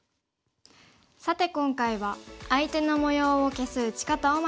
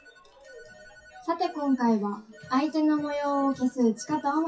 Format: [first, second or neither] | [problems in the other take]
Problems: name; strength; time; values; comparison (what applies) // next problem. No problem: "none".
first | noise reduction (classical method WPE with log-MMSE)